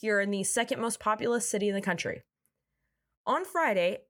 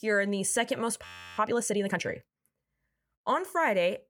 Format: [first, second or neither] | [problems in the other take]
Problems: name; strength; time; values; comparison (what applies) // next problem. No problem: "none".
first | audio freezing; at 1 s